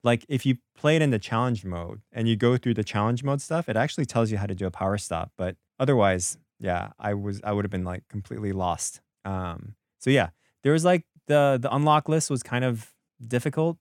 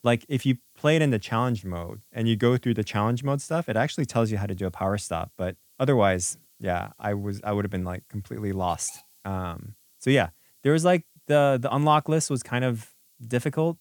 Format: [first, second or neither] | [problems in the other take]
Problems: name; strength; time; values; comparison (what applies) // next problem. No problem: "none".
first | hiss; faint; throughout; 30 dB below the speech